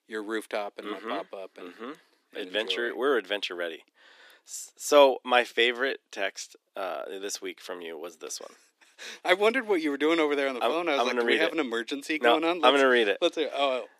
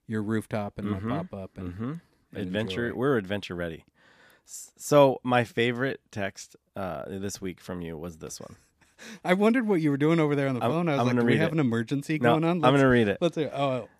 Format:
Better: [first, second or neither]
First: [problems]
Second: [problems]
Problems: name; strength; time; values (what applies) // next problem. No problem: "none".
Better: second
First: thin; somewhat; fading below 300 Hz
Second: none